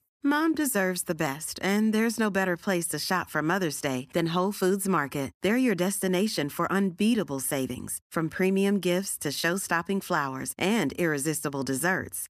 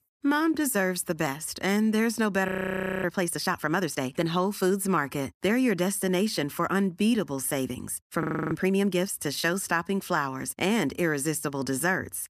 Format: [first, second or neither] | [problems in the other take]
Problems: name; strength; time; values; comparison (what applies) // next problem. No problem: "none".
first | audio freezing; at 2.5 s for 0.5 s and at 8 s